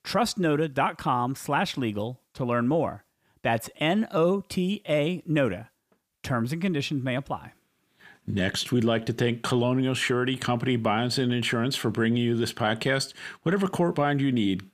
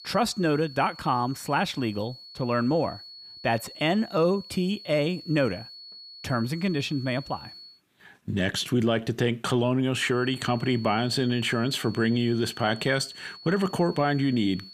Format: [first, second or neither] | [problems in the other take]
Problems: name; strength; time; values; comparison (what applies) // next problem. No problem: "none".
first | high-pitched whine; noticeable; until 7.5 s and from 10 s on; 4.5 kHz, 15 dB below the speech